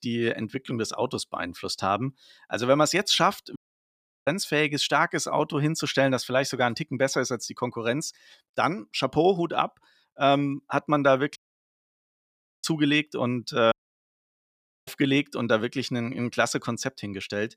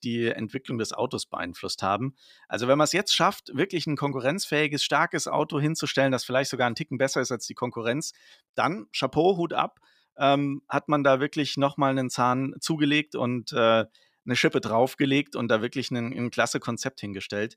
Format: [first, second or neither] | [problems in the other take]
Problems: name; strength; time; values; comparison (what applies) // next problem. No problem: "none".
second | audio cutting out; at 3.5 s for 0.5 s, at 11 s for 1.5 s and at 14 s for 1 s